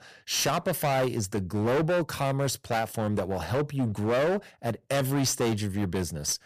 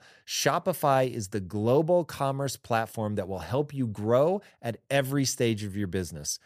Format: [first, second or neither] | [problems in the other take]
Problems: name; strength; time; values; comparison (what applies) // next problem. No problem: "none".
second | distortion; heavy; 20% of the sound clipped